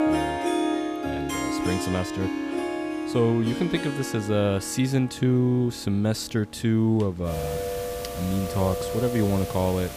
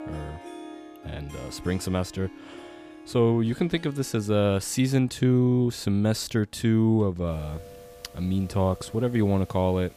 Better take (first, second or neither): second